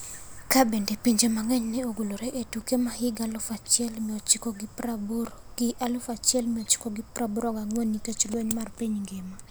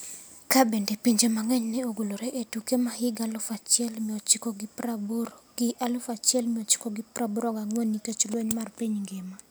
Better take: second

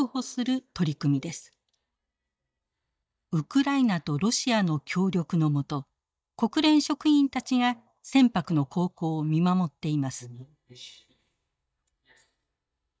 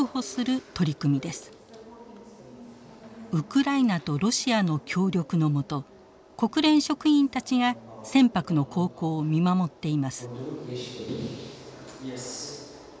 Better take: second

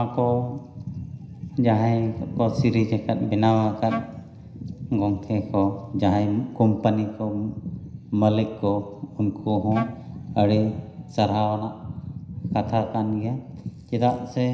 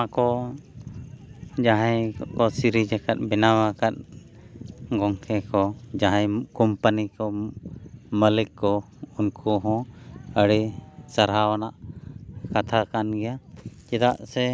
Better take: second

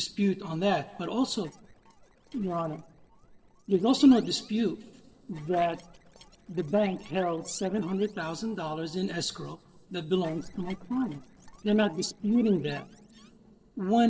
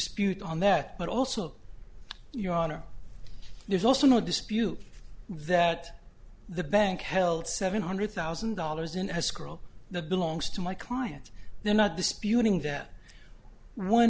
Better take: second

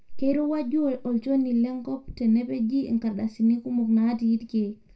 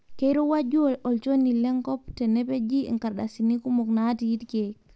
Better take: second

